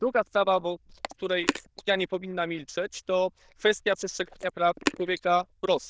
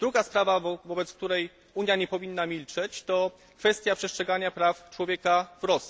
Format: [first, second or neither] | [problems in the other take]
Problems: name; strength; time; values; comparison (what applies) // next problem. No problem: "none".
second | noise reduction (neural diffusion model UNIVERSE++)